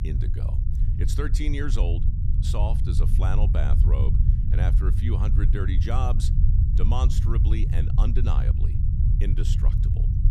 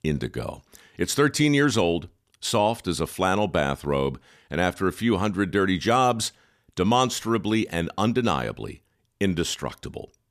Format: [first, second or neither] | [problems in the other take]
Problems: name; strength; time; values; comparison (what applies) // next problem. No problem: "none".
second | low rumble; loud; throughout; 3 dB below the speech